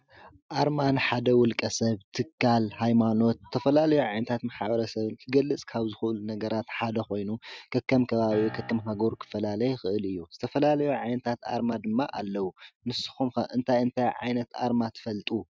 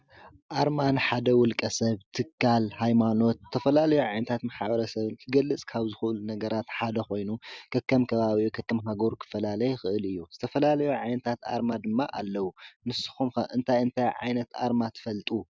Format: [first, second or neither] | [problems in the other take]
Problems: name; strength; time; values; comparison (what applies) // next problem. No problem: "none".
second | noise reduction (neural mask model RNNoise)